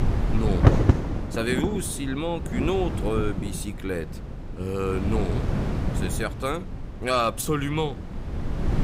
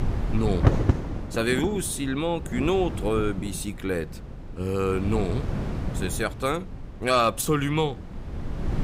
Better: second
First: wind noise on the microphone; heavy; 5 dB below the speech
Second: wind noise on the microphone; occasional gusts; 10 dB below the speech

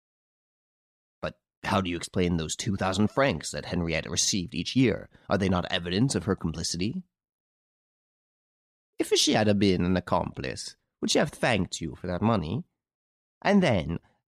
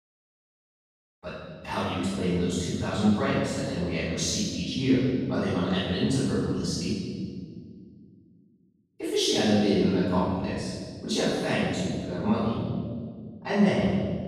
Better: first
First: none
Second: room echo; strong; dies away in 1.7 s // off-mic speech; far

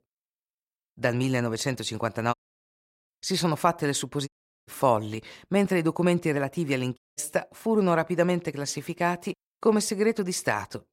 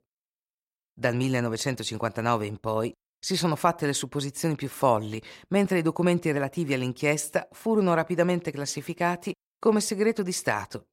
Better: second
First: audio cutting out; at 2.5 s for 0.5 s, at 4.5 s and at 7 s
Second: none

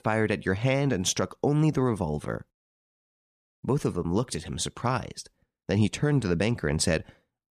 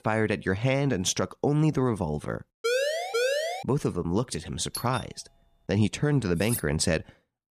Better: first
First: none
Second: siren; loud; at 2.5 s; peak 1 dB above the speech // doorbell; noticeable; at 4.5 s; peak 9 dB below the speech // clattering dishes; noticeable; at 6.5 s; peak 6 dB below the speech

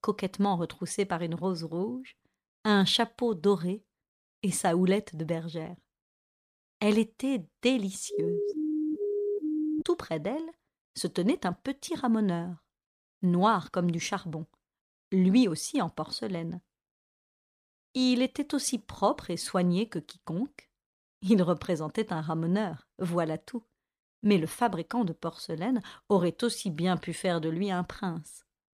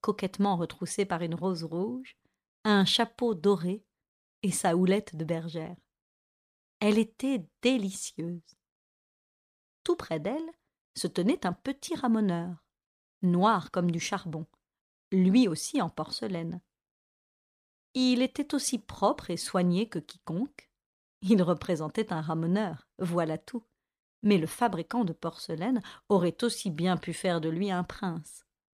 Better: second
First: siren; noticeable; from 8 to 10 s; peak 1 dB below the speech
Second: none

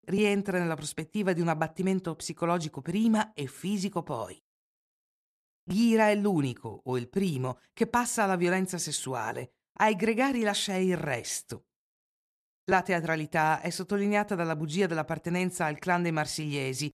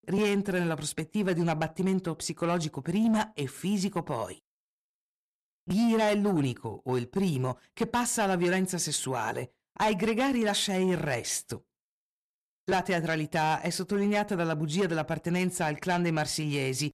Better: first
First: none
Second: distortion; slight; 10 dB below the speech

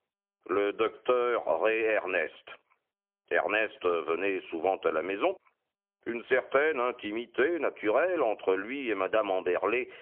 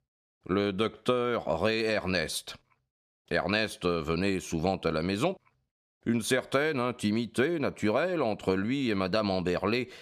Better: second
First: phone-call audio; poor line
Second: none

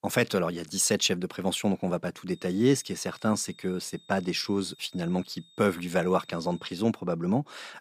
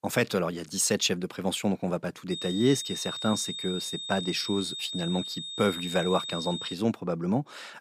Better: first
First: high-pitched whine; faint; from 2.5 to 6.5 s; 3.5 kHz, 25 dB below the speech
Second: high-pitched whine; loud; from 2.5 to 6.5 s; 3.5 kHz, 5 dB below the speech

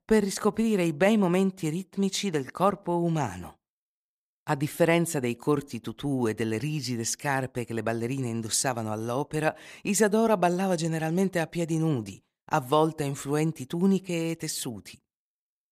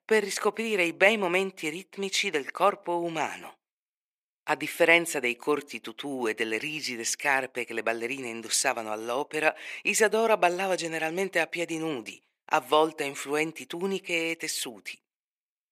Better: first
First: none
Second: thin; somewhat; fading below 400 Hz

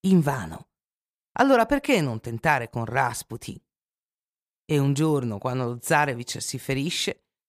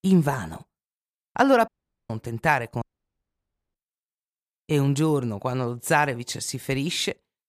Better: first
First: none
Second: audio cutting out; at 1.5 s and at 3 s for 1 s

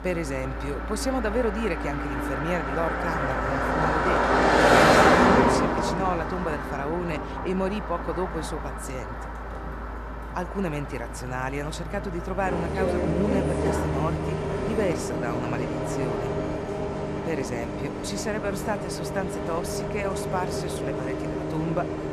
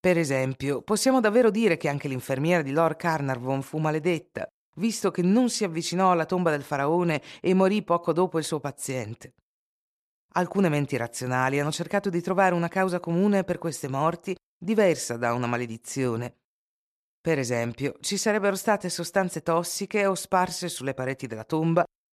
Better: second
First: traffic noise; very loud; throughout; 5 dB above the speech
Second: none

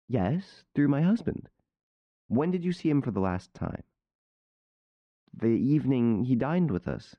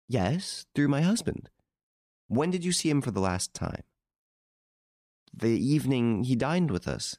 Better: second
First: muffled; very; fading above 2 kHz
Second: none

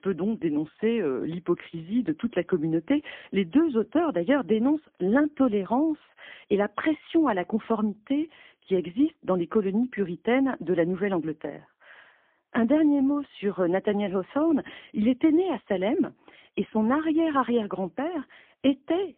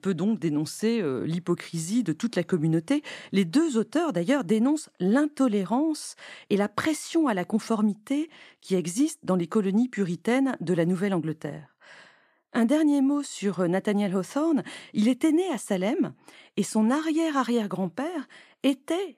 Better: second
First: phone-call audio; poor line; nothing above 3 kHz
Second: none

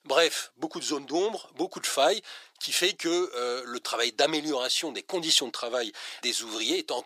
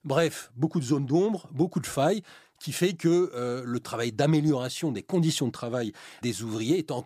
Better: second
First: thin; very; fading below 450 Hz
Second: none

